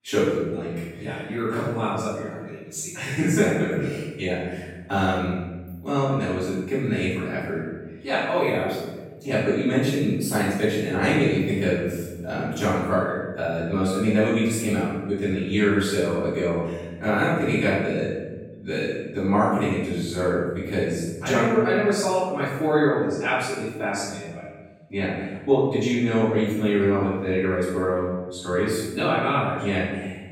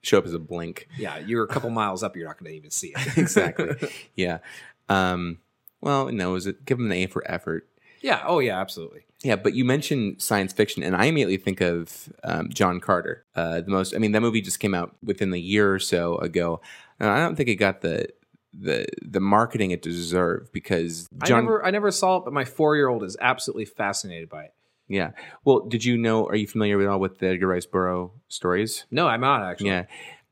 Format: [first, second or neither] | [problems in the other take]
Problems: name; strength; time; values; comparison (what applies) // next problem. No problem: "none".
second | off-mic speech; far // room echo; strong; dies away in 1.2 s